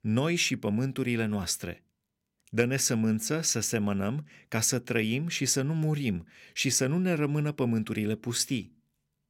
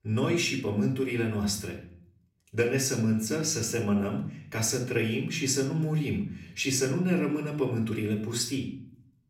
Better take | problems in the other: first | off-mic speech; far // room echo; slight; dies away in 0.5 s

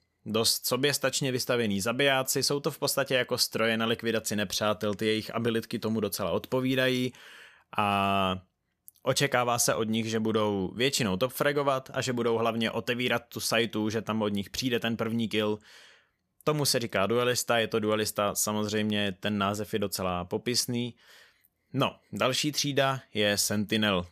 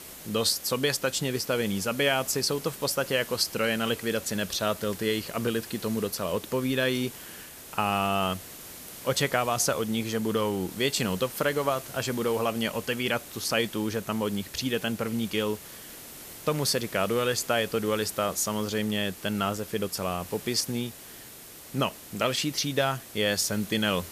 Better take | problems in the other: first | hiss; noticeable; throughout; 15 dB below the speech

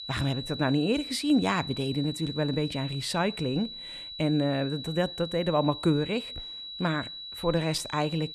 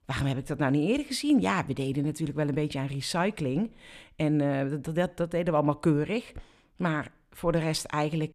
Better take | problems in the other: second | high-pitched whine; loud; throughout; 4 kHz, 9 dB below the speech

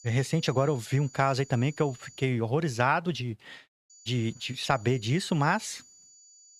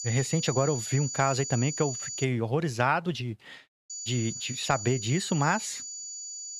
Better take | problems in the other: first | high-pitched whine; loud; until 2 s and from 4 s on; 7 kHz, 6 dB below the speech; faint in the first

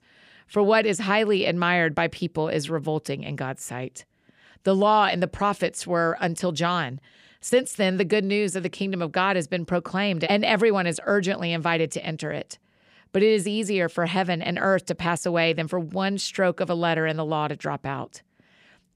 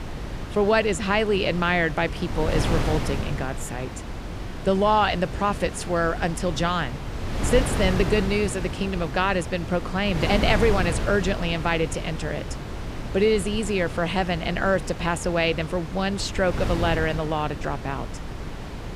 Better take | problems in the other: first | wind noise on the microphone; occasional gusts; 10 dB below the speech

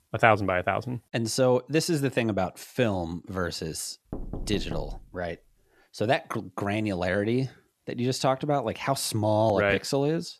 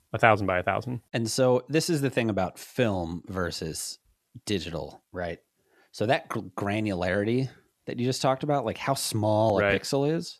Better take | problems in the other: second | door banging; faint; at 4 s; peak 10 dB below the speech

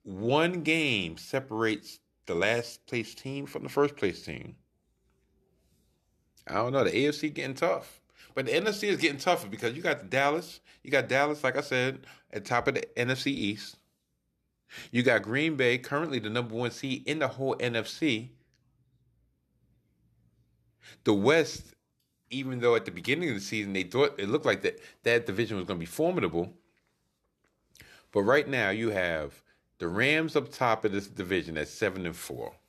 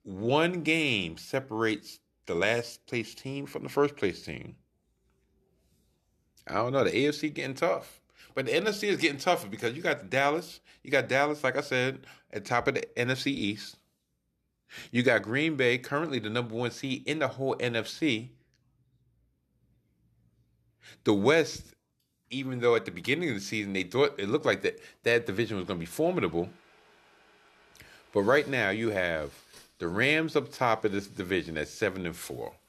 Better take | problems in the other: first | household noises; faint; from 25 s on; 30 dB below the speech

